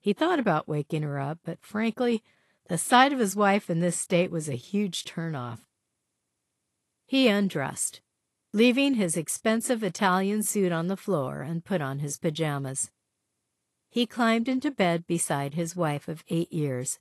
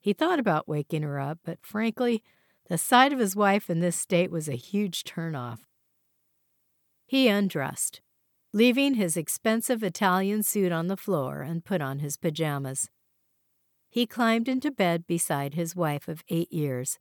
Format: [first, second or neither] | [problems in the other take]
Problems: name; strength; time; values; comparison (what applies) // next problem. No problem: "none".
second | garbled, watery; slightly; nothing above 11.5 kHz